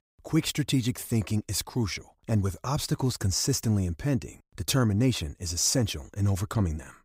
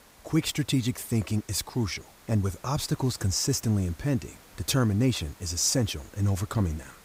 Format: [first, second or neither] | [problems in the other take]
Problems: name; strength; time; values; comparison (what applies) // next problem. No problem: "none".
first | hiss; faint; throughout; 25 dB below the speech